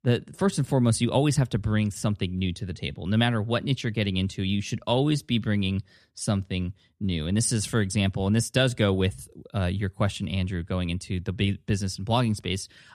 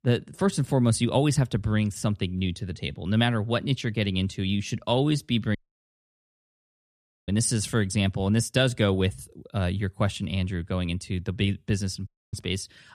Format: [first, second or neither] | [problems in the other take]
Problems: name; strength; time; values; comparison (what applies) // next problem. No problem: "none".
first | audio cutting out; at 5.5 s for 1.5 s and at 12 s